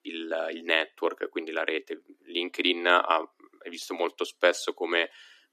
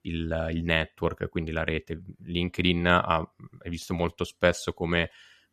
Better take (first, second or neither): second